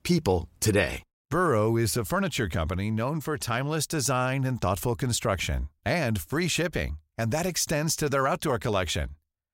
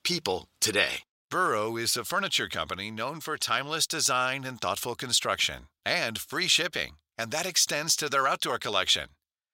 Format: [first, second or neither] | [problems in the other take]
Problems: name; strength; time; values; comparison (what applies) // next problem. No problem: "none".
first | thin; somewhat; fading below 1 kHz